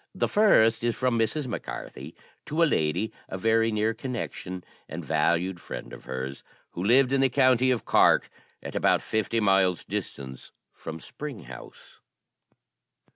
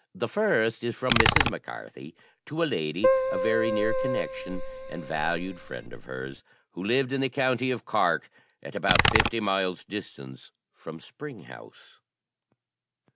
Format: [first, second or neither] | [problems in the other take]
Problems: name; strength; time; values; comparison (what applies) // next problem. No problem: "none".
first | background sound (Keyboard (musical) + Computer keyboard); 2 dB above the speech